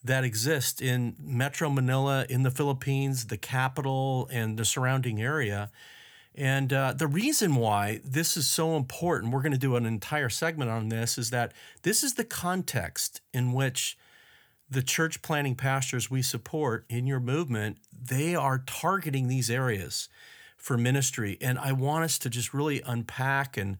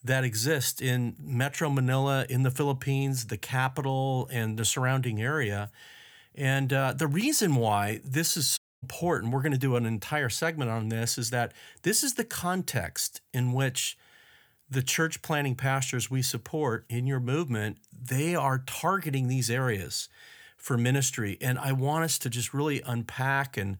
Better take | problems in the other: first | audio cutting out; at 8.5 s

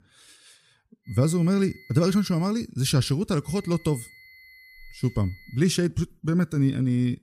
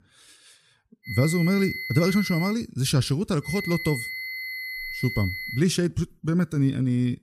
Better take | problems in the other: first | high-pitched whine; loud; from 1 to 2.5 s and from 3.5 to 5.5 s; 2 kHz, 7 dB below the speech; faint in the first

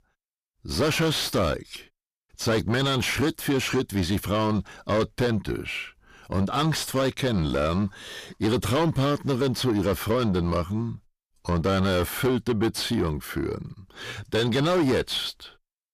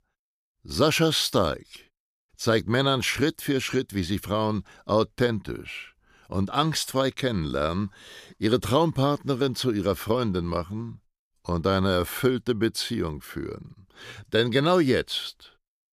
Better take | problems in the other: second | distortion; heavy; 7 dB below the speech

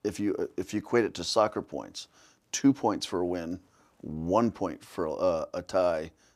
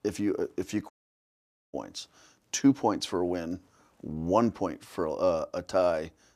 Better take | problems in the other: first | audio cutting out; at 1 s for 1 s

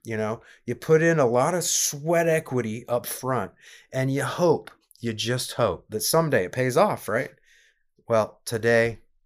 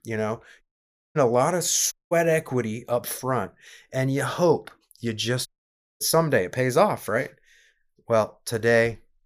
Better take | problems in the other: first | audio cutting out; at 0.5 s for 0.5 s, at 2 s and at 5.5 s for 0.5 s

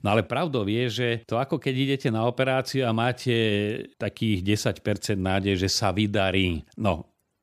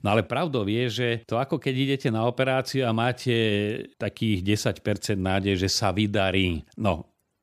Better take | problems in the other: neither | none

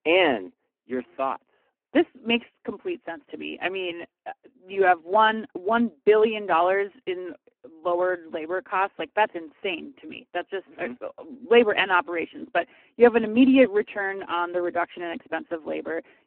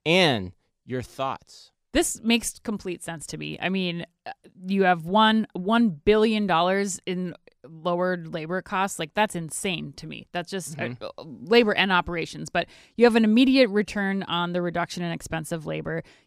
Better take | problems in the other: second | phone-call audio; poor line

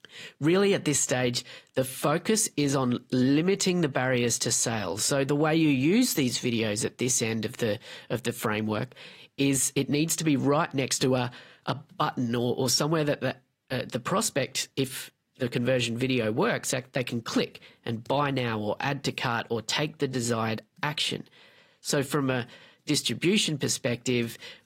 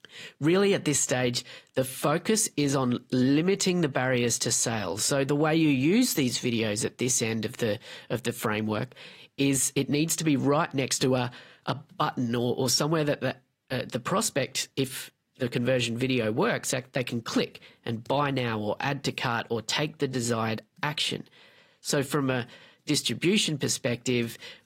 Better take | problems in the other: neither | garbled, watery; slightly; nothing above 15 kHz; the same in both

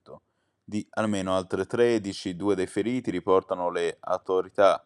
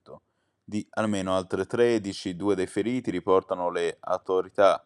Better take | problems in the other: neither | none

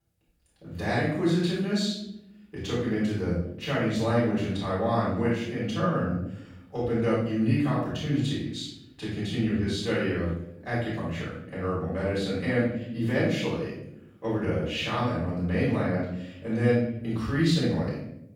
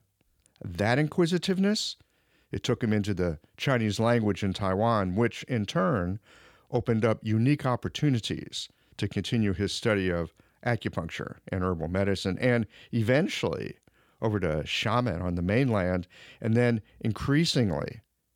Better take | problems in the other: second | off-mic speech; far // room echo; strong; dies away in 0.7 s

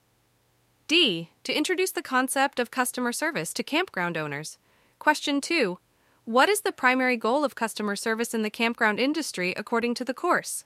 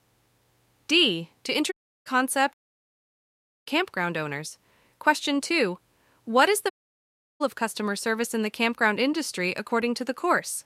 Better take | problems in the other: first | audio cutting out; at 1.5 s, at 2.5 s for 1 s and at 6.5 s for 0.5 s

